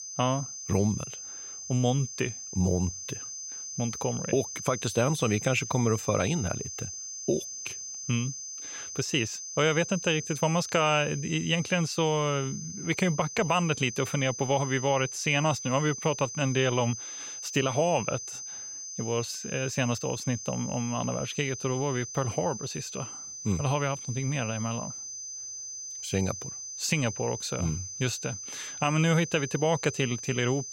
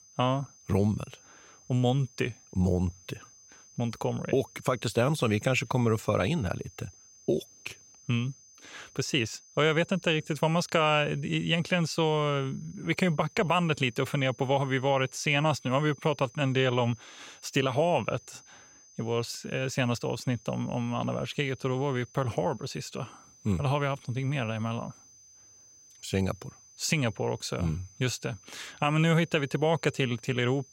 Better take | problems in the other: second | high-pitched whine; loud; throughout; 6 kHz, 8 dB below the speech; faint in the second

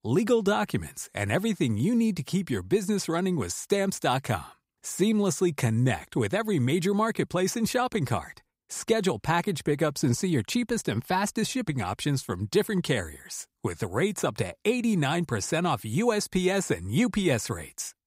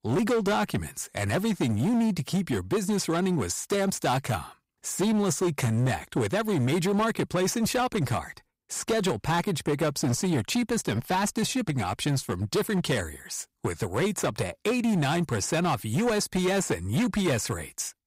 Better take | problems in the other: first | distortion; slight; 15% of the sound clipped

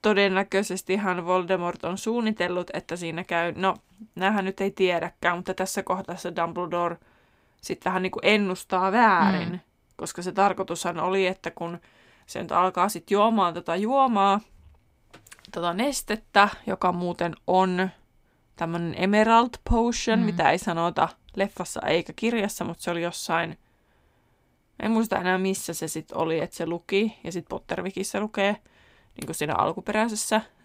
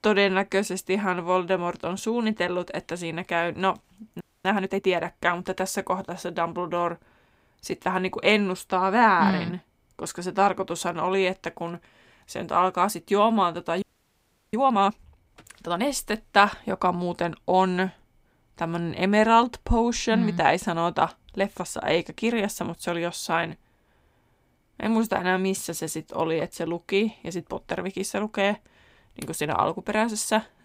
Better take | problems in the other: first | audio freezing; at 4 s and at 14 s for 0.5 s

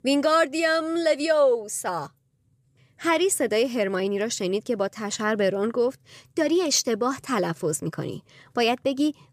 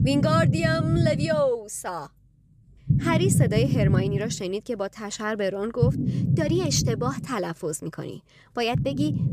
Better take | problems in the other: first | low rumble; loud; throughout; 7 dB below the speech

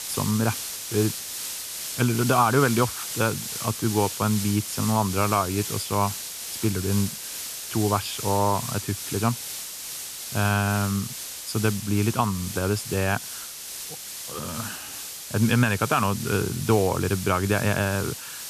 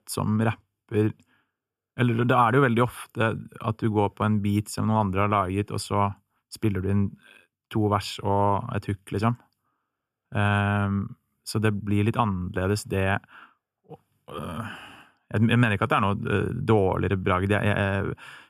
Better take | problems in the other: second | hiss; loud; throughout; 7 dB below the speech

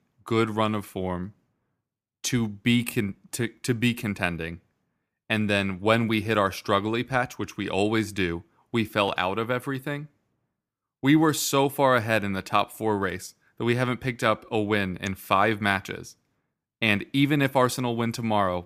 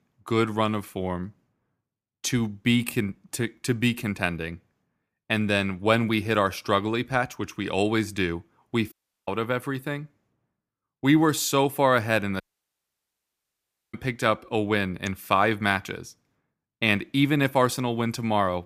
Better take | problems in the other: first | audio cutting out; at 9 s and at 12 s for 1.5 s

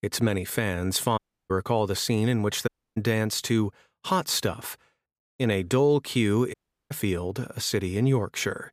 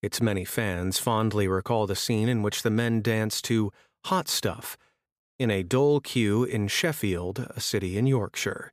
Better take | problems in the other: second | audio cutting out; at 1 s, at 2.5 s and at 6.5 s

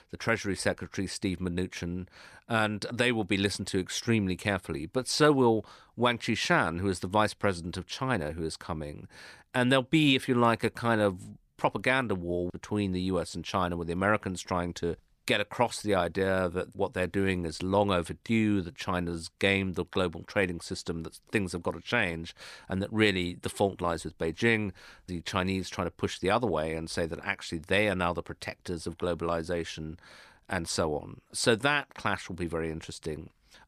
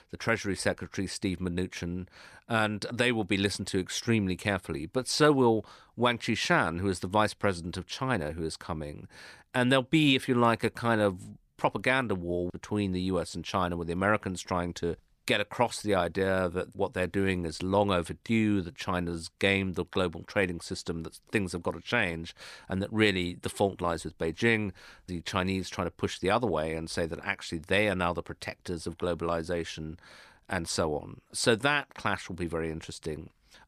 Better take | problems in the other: neither | none

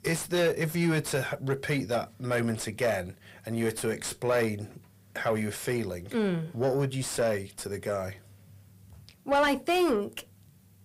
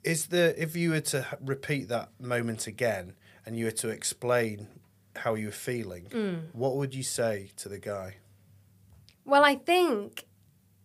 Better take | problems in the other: second | distortion; heavy; 8 dB below the speech

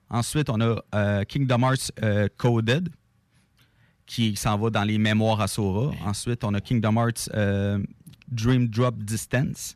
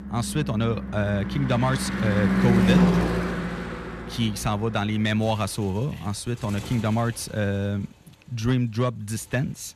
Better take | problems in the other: first | traffic noise; very loud; throughout; as loud as the speech

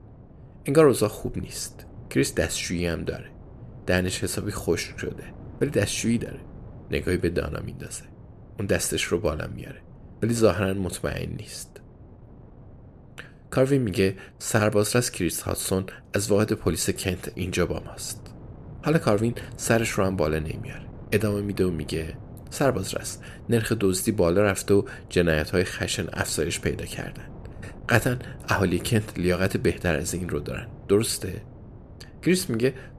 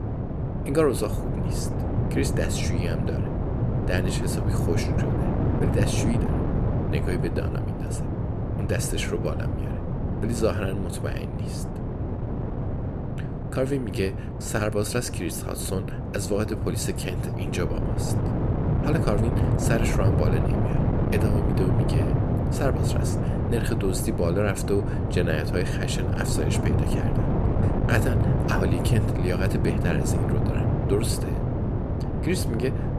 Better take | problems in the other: first | wind noise on the microphone; heavy; 2 dB below the speech; occasional gusts in the first

